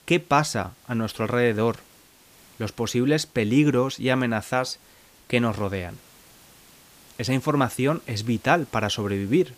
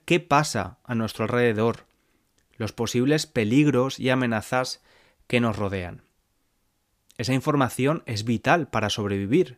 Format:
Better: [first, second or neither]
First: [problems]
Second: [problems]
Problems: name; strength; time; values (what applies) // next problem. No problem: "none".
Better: second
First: hiss; faint; throughout; 25 dB below the speech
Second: none